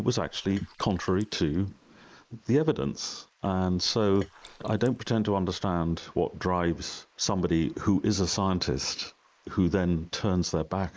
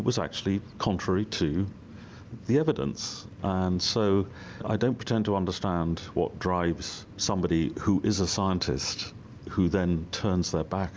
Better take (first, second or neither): second